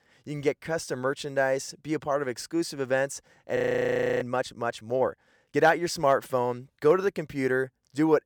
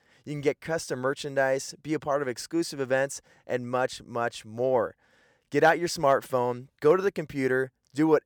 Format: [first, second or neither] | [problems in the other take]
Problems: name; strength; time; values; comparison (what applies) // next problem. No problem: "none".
second | audio freezing; at 3.5 s for 0.5 s